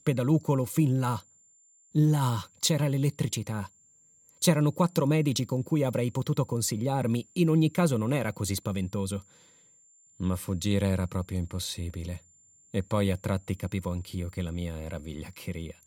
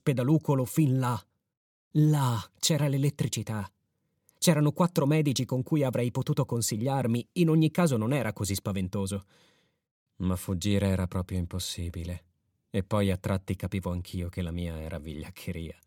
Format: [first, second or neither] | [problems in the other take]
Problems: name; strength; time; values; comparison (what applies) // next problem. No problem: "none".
second | high-pitched whine; faint; throughout; 7.5 kHz, 30 dB below the speech